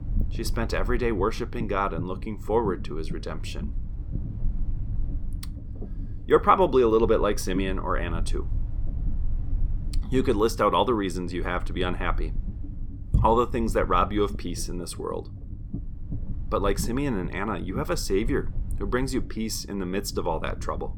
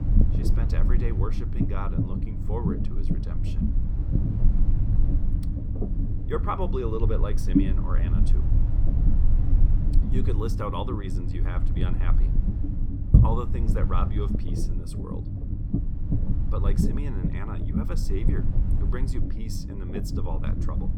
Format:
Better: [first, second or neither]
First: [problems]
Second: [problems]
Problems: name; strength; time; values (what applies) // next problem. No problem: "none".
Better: first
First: low rumble; faint; throughout; 20 dB below the speech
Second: low rumble; loud; throughout; 2 dB below the speech